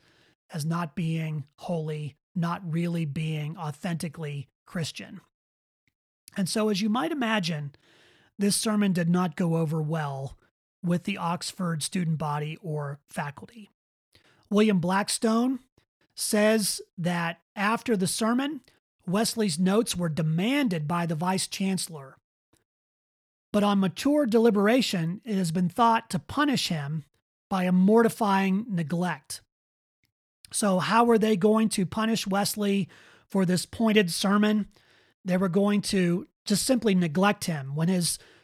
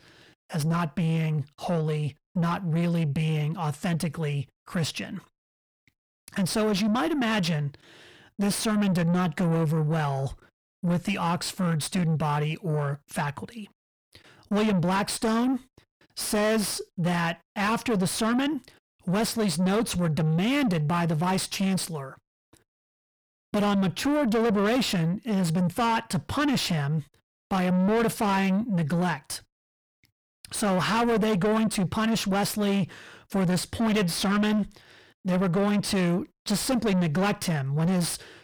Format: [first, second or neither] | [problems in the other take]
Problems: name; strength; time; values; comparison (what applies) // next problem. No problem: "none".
first | distortion; heavy; 7 dB below the speech